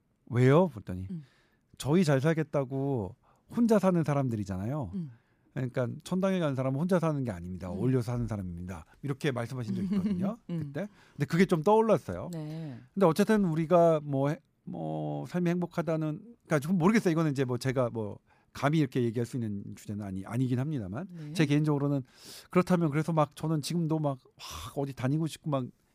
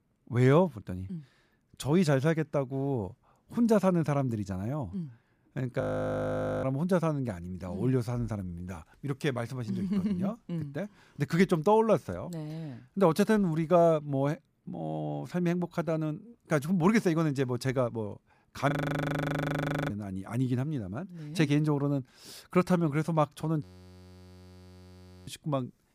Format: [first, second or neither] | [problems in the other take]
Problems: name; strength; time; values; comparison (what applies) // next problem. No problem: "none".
first | audio freezing; at 6 s for 1 s, at 19 s for 1 s and at 24 s for 1.5 s